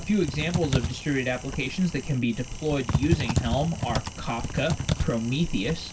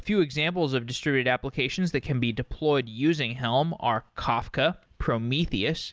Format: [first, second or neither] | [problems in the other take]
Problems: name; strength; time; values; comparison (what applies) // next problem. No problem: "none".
second | background sound (Typing); 3 dB below the speech // room echo; dies away in 0.2 s